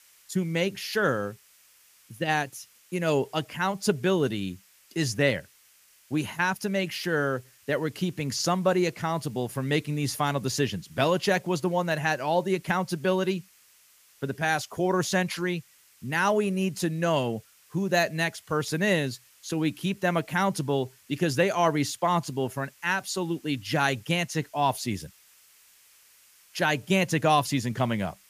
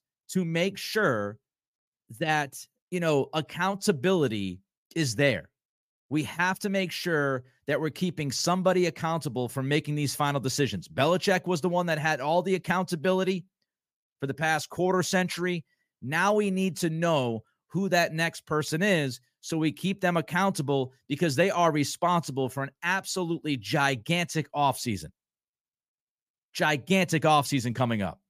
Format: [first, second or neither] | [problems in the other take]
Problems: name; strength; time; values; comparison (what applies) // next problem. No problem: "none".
second | hiss; faint; throughout; 30 dB below the speech